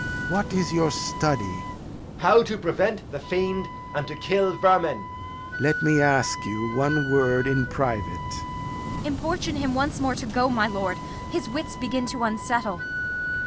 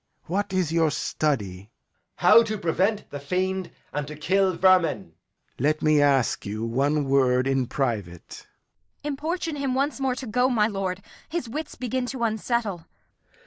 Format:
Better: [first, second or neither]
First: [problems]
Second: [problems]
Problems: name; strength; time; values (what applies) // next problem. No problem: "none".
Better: second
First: background sound (Wind instrument, woodwind instrument + Waves, surf / Wind); 7 dB below the speech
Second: none